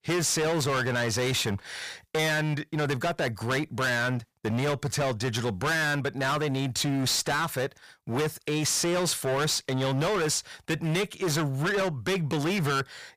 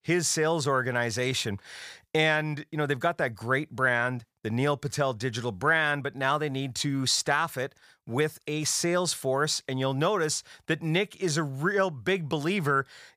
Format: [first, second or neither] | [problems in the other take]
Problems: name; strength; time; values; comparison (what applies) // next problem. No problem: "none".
second | distortion; heavy; 28% of the sound clipped